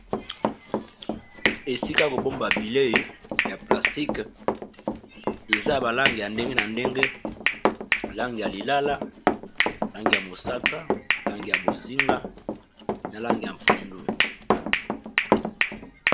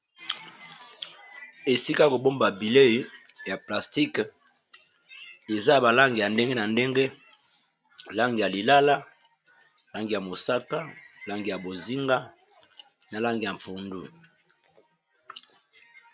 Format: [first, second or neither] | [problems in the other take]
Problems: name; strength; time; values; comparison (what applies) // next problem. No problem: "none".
second | background sound (Run + Hands); 4 dB above the speech